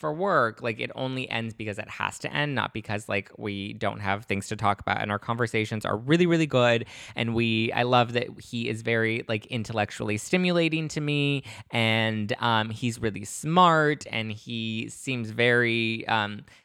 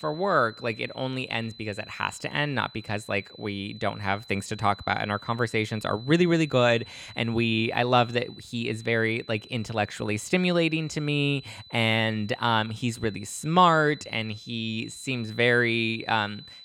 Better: first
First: none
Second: high-pitched whine; noticeable; throughout; 4 kHz, 20 dB below the speech

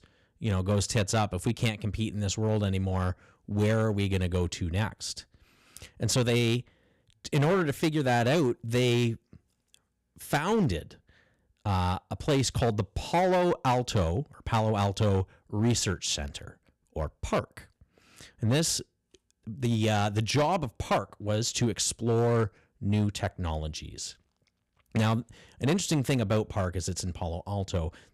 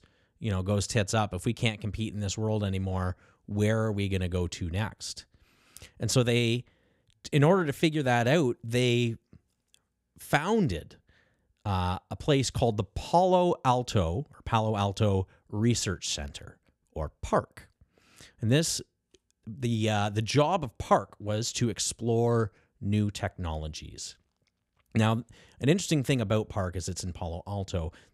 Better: second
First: distortion; slight; 6% of the sound clipped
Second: none

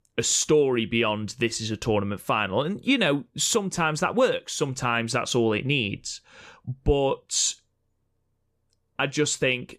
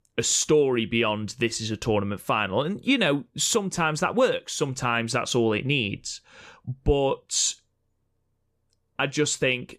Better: neither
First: none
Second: none

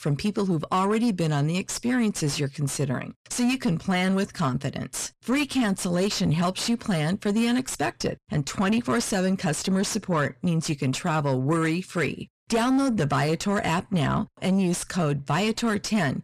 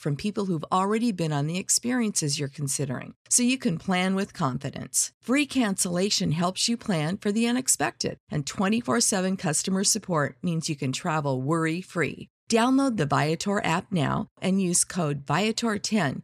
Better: second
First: distortion; heavy; 7 dB below the speech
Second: none

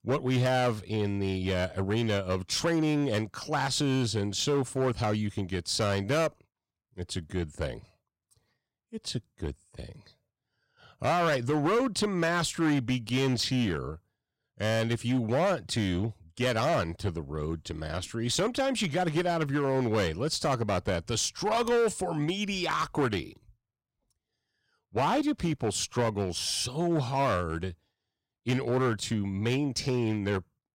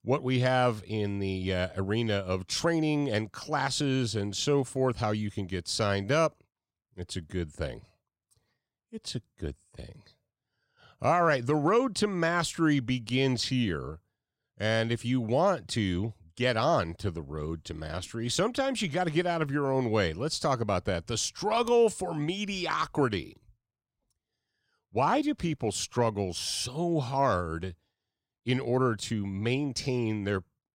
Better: second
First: distortion; slight; 8% of the sound clipped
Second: none

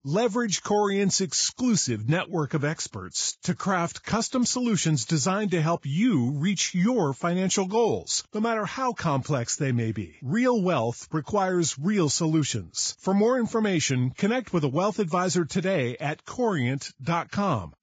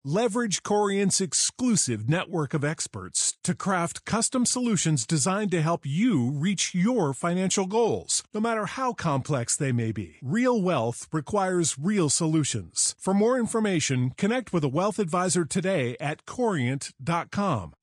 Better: second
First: garbled, watery; badly; nothing above 7.5 kHz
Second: garbled, watery; slightly

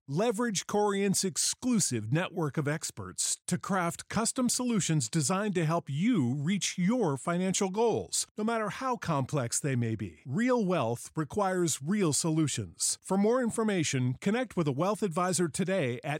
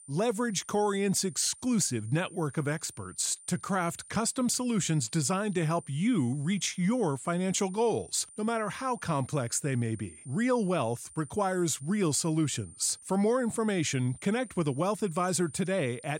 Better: first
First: none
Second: high-pitched whine; noticeable; throughout; 9 kHz, 20 dB below the speech

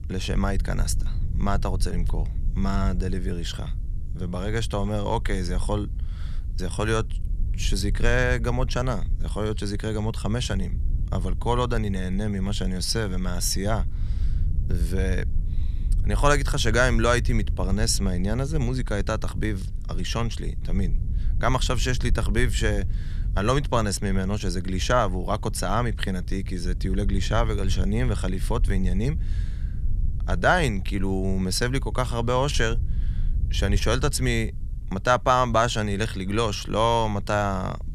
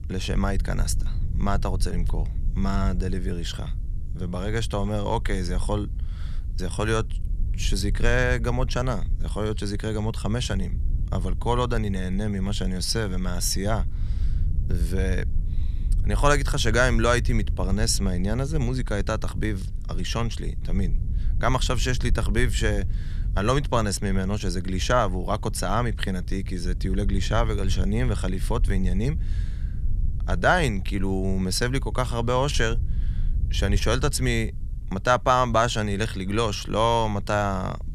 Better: neither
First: low rumble; faint; throughout; 20 dB below the speech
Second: low rumble; faint; throughout; 20 dB below the speech

